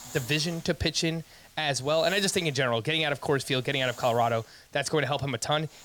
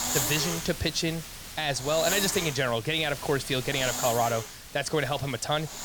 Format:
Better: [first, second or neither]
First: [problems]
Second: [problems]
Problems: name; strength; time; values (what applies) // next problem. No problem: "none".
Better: first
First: hiss; faint; throughout; 20 dB below the speech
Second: hiss; loud; throughout; 5 dB below the speech